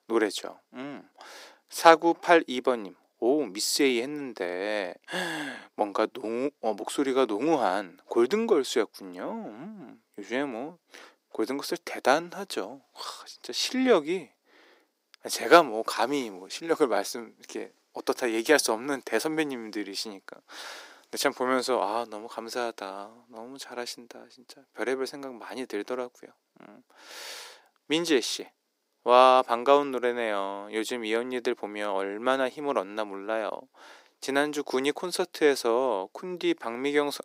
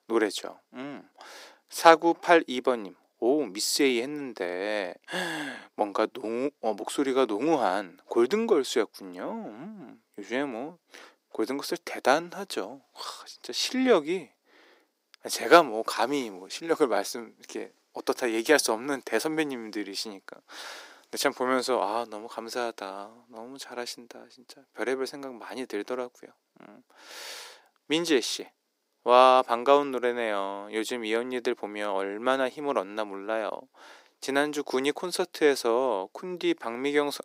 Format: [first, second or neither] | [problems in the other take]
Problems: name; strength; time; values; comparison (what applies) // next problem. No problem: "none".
neither | thin; very; fading below 300 Hz; the same in both